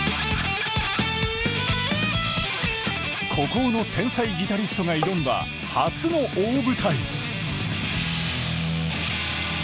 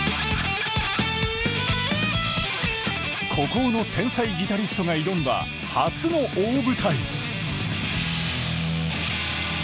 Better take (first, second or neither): second